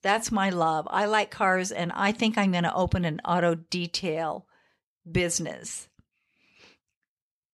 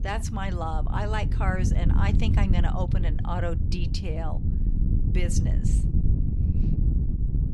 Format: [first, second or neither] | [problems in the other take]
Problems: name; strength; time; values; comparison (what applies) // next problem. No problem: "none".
first | wind noise on the microphone; heavy; 6 dB below the speech